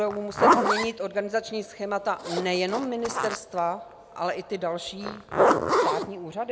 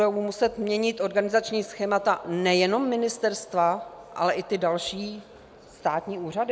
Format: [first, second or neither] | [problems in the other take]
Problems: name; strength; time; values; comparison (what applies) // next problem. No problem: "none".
second | background sound (Zipper (clothing)); 2 dB above the speech